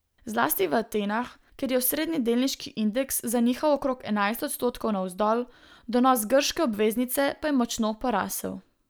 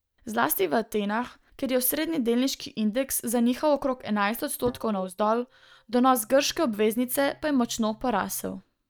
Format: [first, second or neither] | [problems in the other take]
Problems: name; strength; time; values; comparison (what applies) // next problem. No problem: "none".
first | noise reduction (neural mask model DeepFilterNet 3)